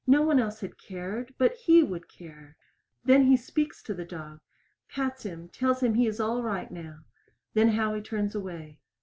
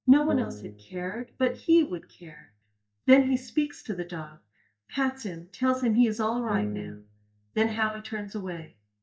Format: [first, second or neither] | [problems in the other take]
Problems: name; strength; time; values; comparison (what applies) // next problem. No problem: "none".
first | noise reduction (neural mask model DeepFilterNet 3)